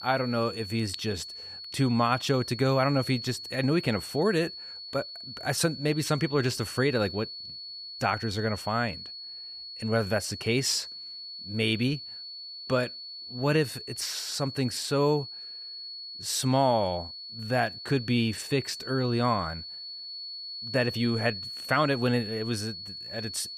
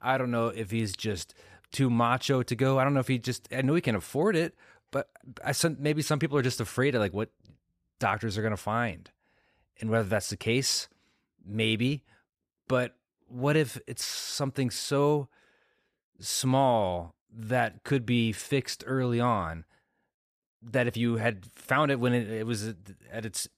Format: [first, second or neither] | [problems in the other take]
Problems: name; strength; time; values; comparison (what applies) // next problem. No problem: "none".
second | high-pitched whine; loud; throughout; 4.5 kHz, 9 dB below the speech